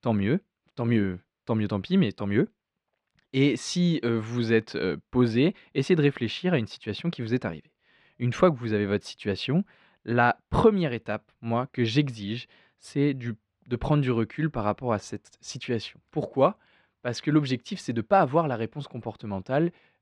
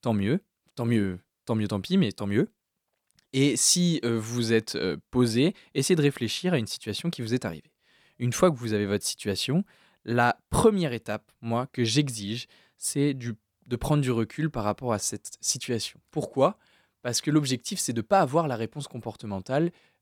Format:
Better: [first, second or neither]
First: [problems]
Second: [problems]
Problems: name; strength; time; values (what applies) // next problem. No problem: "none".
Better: second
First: muffled; slightly; fading above 2.5 kHz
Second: none